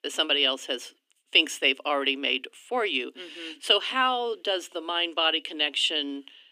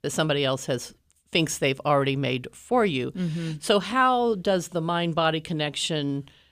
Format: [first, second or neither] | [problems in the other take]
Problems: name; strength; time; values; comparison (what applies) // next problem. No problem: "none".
second | thin; very slightly; fading below 250 Hz